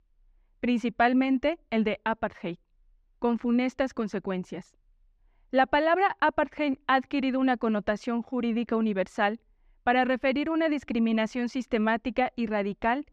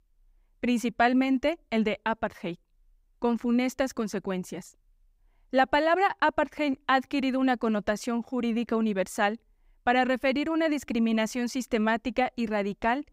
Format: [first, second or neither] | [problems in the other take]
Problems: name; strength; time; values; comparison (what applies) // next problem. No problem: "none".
second | muffled; very slightly; fading above 3.5 kHz